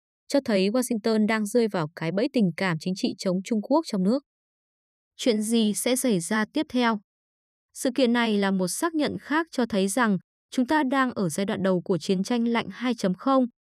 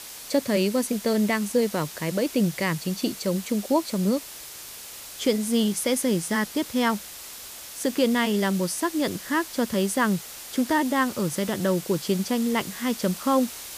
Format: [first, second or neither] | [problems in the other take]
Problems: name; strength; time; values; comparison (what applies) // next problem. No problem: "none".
first | hiss; noticeable; throughout; 10 dB below the speech